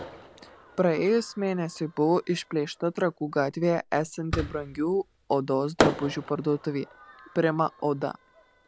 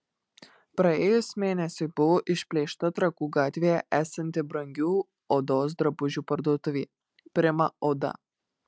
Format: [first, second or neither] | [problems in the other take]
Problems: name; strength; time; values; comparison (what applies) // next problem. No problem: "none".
second | background sound (Fireworks); 8 dB below the speech